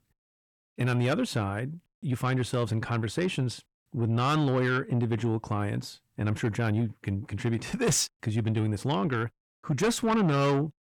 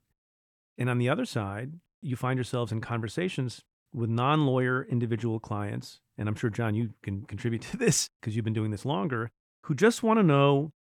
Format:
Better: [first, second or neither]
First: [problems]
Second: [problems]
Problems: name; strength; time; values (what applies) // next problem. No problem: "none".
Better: second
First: distortion; heavy; 8 dB below the speech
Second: none